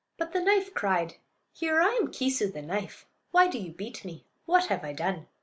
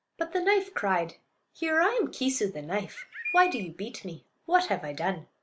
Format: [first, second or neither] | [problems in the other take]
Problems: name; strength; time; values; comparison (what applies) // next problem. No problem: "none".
first | background sound (Bird); 8 dB below the speech